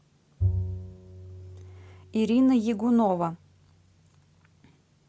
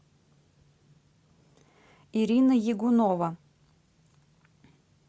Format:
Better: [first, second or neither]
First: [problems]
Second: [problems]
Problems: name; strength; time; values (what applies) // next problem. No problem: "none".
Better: second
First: background sound (Bowed string instrument); 8 dB below the speech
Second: none